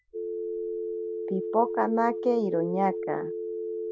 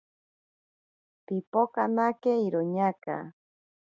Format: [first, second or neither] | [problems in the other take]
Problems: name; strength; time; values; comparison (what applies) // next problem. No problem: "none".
second | background sound (Telephone); 3 dB below the speech